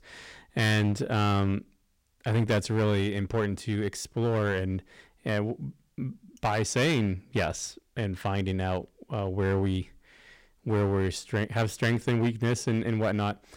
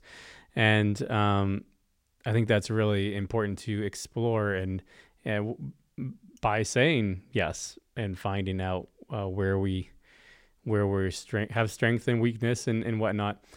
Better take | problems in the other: second | distortion; slight; 7% of the sound clipped

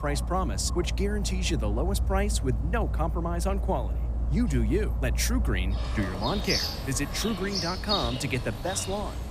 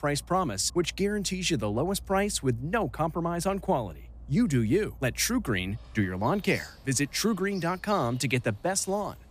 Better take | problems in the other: second | animal sounds; loud; throughout; as loud as the speech; faint in the second

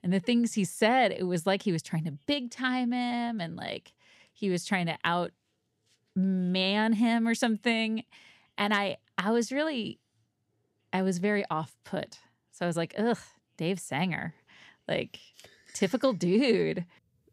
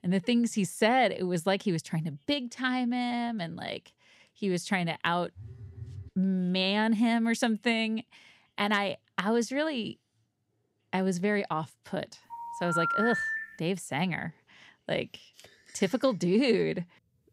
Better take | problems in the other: first | phone ringing; faint; at 5.5 s; peak 15 dB below the speech // phone ringing; loud; from 12 to 14 s; peak 1 dB above the speech

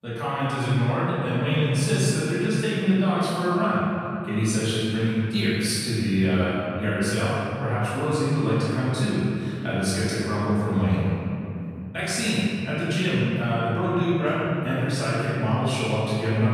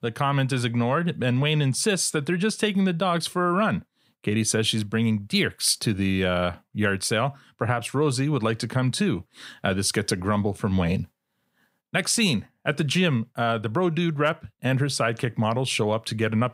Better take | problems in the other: second | off-mic speech; far // room echo; strong; dies away in 2.8 s

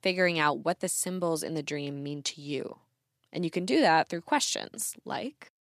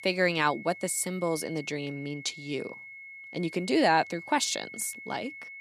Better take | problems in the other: first | high-pitched whine; noticeable; throughout; 2 kHz, 15 dB below the speech

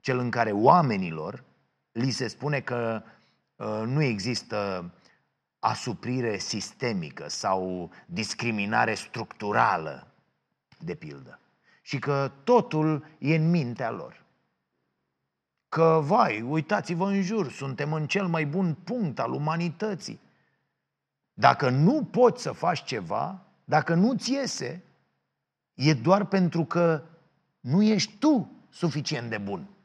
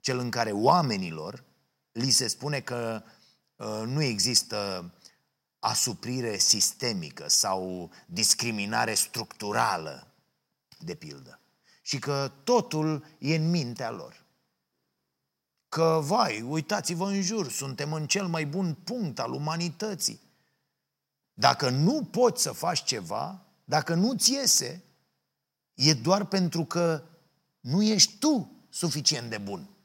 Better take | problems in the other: second | muffled; slightly; fading above 2.5 kHz

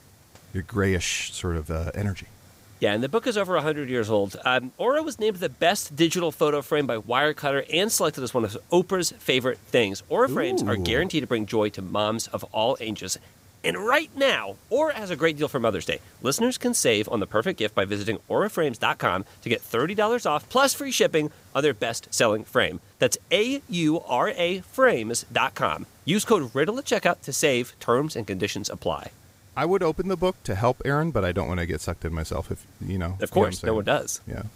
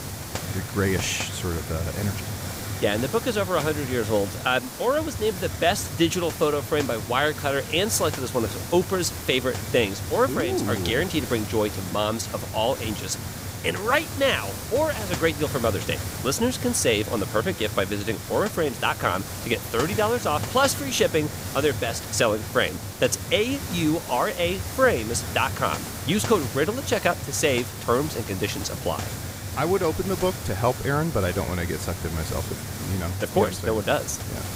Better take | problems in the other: first | hiss; loud; throughout; 7 dB below the speech; faint in the first

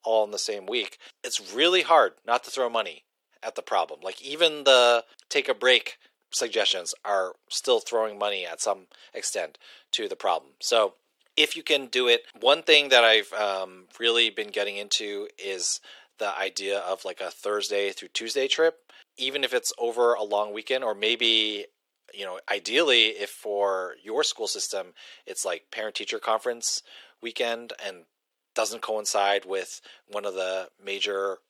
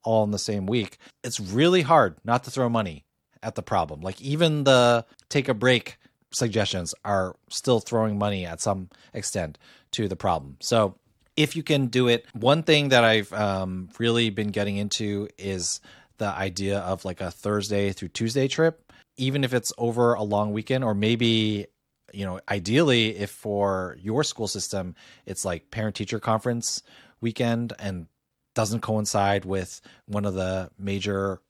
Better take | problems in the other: second | thin; very; fading below 400 Hz

